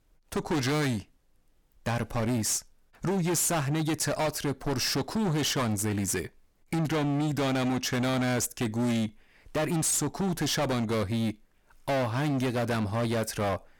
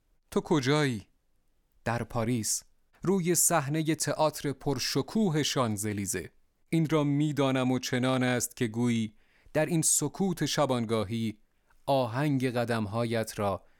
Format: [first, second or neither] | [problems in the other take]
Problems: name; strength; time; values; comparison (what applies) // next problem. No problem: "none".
second | distortion; heavy; 27% of the sound clipped